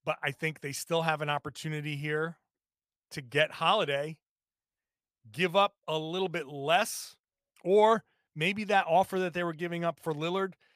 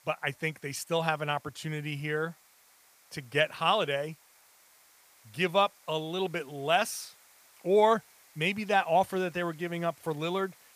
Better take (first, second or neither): first